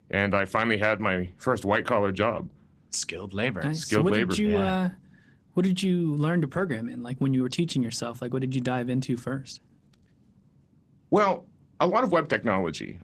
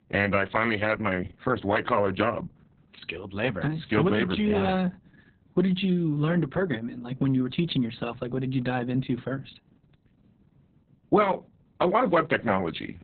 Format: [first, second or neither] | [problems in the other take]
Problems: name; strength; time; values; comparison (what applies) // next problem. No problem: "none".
first | garbled, watery; badly; nothing above 4 kHz; slightly in the first